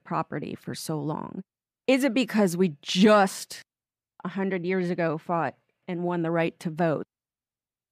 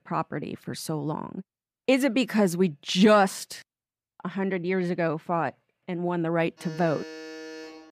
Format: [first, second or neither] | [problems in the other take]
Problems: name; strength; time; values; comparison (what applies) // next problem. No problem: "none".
first | alarm; faint; from 6.5 s on; peak 15 dB below the speech